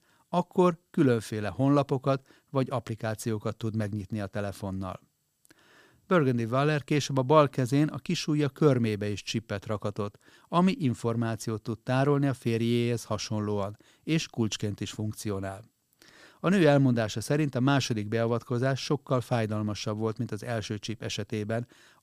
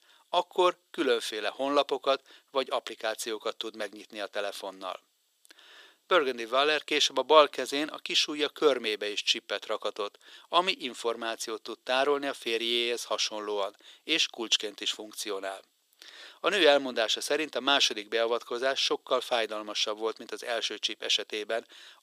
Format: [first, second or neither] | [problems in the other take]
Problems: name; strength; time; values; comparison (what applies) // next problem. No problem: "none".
first | thin; very; fading below 400 Hz